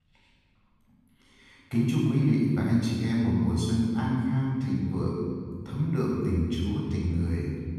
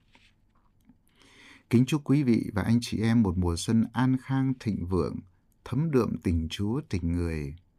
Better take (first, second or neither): second